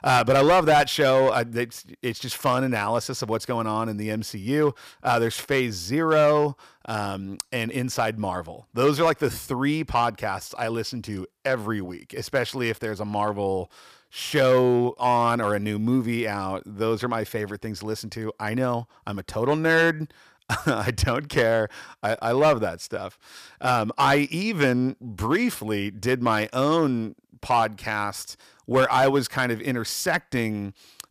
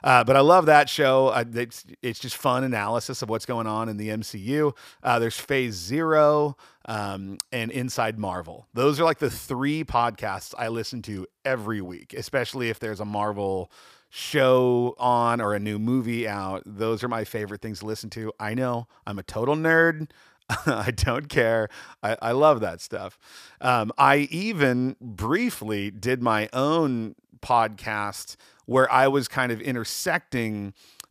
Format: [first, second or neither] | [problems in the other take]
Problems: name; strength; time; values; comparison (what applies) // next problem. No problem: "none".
second | distortion; slight; 3% of the sound clipped